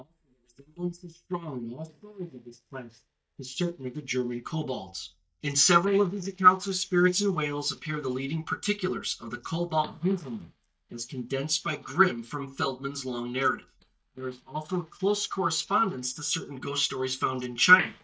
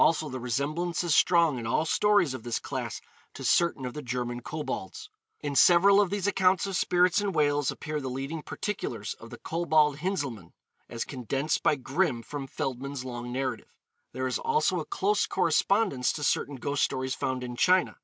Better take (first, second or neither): second